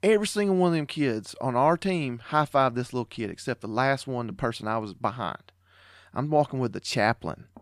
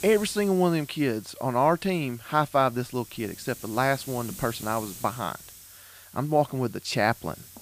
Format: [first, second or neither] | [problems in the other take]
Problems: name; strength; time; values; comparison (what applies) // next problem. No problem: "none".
first | hiss; noticeable; throughout; 15 dB below the speech